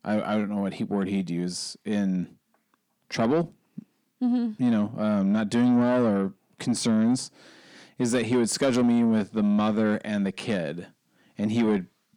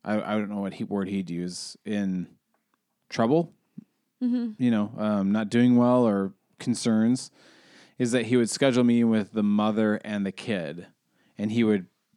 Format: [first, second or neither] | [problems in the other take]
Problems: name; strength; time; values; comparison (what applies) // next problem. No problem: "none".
second | distortion; slight; 10 dB below the speech